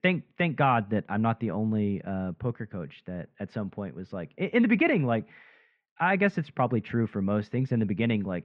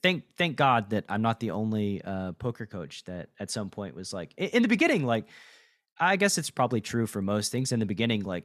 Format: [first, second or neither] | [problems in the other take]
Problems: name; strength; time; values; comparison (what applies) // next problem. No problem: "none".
second | muffled; very; fading above 2.5 kHz